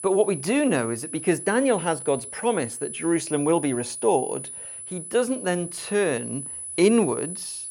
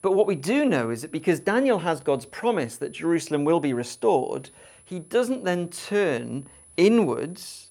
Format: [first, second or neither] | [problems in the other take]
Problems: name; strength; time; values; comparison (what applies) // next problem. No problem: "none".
second | high-pitched whine; loud; throughout; 10 kHz, 9 dB below the speech; faint in the second